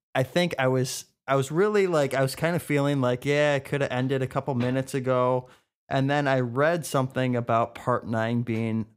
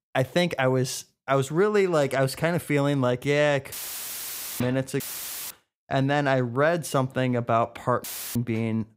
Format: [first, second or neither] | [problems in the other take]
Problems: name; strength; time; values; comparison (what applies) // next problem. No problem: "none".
first | audio cutting out; filled with static; at 3.5 s for 1 s, at 5 s for 0.5 s and at 8 s